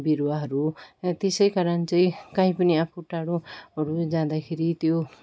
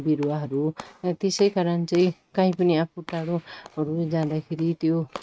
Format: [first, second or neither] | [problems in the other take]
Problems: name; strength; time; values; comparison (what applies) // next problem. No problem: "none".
first | noise reduction (neural mask model RNNoise)